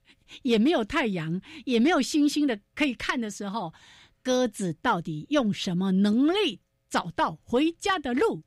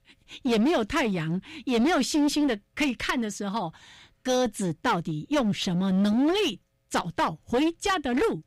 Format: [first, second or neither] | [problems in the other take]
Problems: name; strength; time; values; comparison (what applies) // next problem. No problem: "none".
first | distortion; slight; 14% of the sound clipped